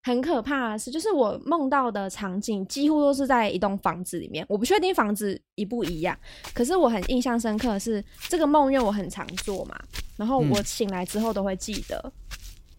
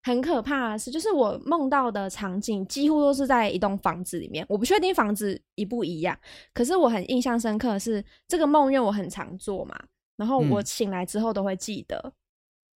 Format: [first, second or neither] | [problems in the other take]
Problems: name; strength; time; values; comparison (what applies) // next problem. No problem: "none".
second | footsteps; noticeable; from 6 s on; peak 9 dB below the speech